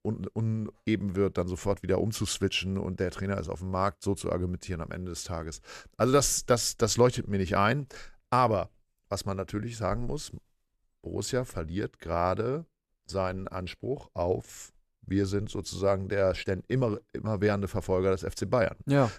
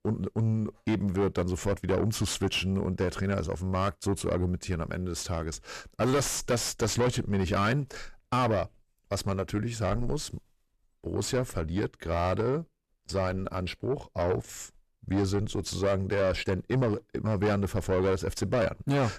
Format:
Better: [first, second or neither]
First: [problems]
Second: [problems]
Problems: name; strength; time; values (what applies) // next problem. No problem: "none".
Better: first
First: none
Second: distortion; heavy; 7 dB below the speech